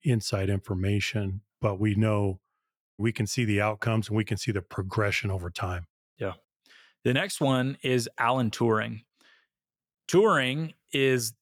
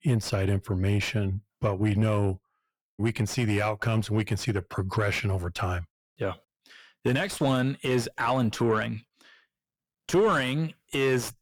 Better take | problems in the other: first | distortion; slight; 10 dB below the speech

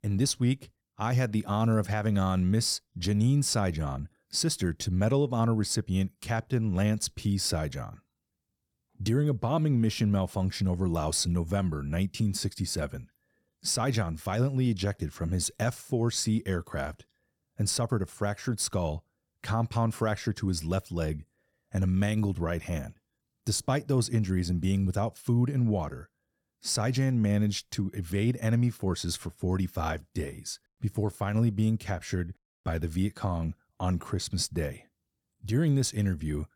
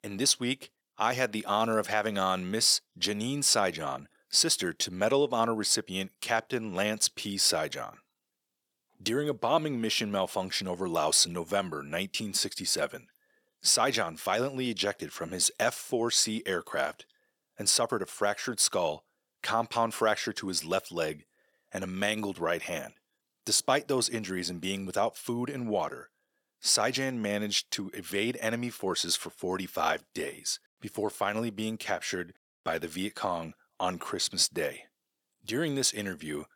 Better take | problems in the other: first | thin; somewhat; fading below 400 Hz

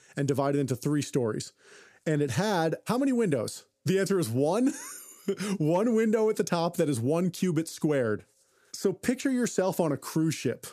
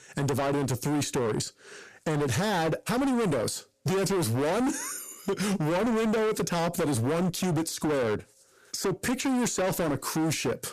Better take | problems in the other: first | distortion; heavy; 31% of the sound clipped

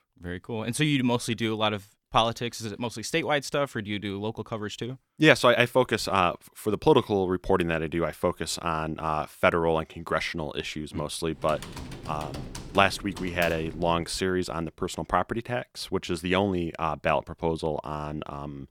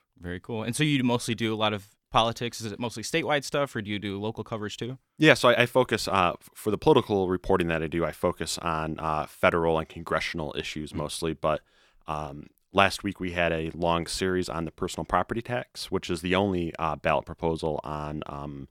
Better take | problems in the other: second | keyboard typing; faint; from 11 to 14 s; peak 10 dB below the speech

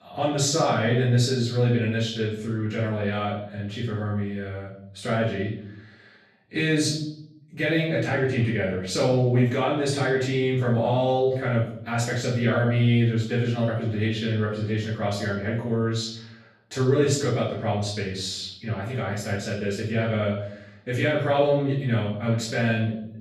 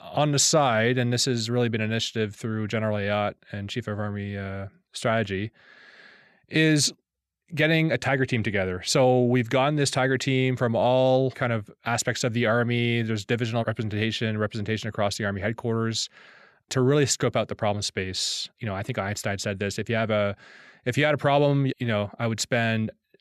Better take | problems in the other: second | off-mic speech; far // room echo; noticeable; dies away in 0.7 s

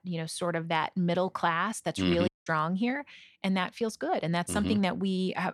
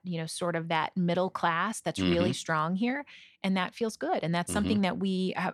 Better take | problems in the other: second | audio cutting out; at 2.5 s

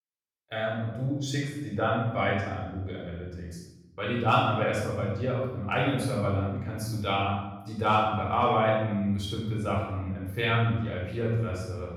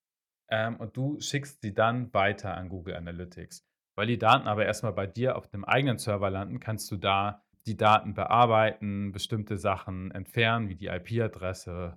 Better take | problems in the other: second | off-mic speech; far // room echo; noticeable; dies away in 1 s

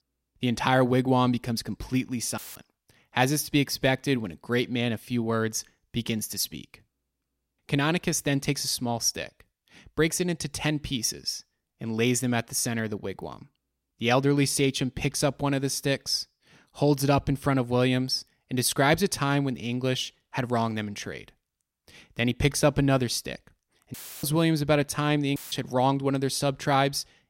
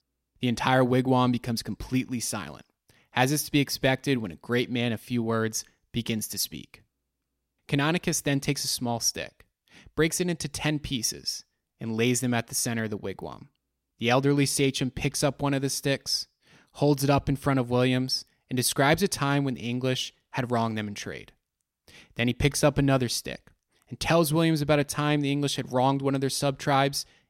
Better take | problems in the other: second | audio cutting out; filled with static; at 2.5 s, at 24 s and at 25 s

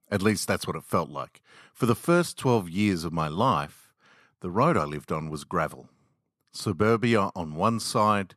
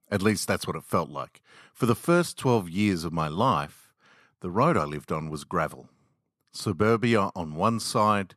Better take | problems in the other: neither | none

